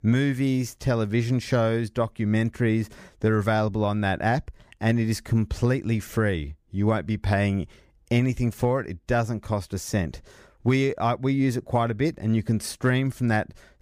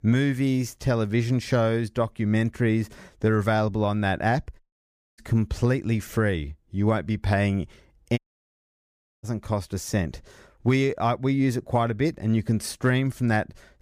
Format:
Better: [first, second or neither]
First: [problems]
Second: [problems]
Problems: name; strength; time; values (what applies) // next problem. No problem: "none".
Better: first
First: none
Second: audio cutting out; at 4.5 s for 0.5 s and at 8 s for 1 s